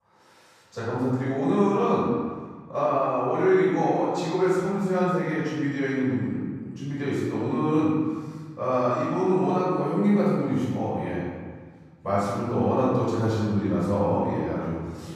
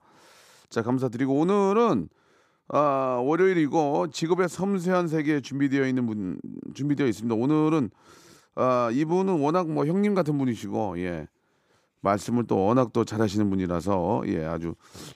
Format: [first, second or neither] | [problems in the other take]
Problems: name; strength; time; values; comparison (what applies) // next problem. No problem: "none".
second | off-mic speech; far // room echo; strong; dies away in 1.5 s